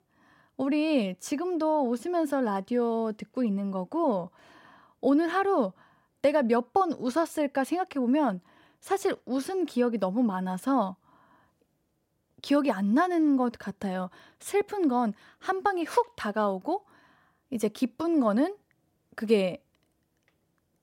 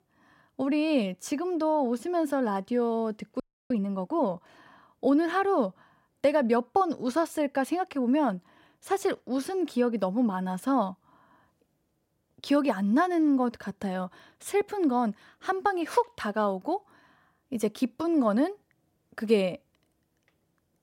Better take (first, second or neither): first